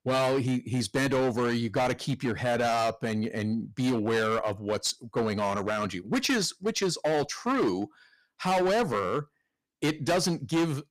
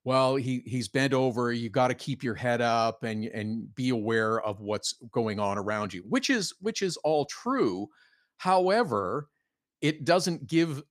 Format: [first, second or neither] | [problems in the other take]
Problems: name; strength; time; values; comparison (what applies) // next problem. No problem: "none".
second | distortion; heavy; 14% of the sound clipped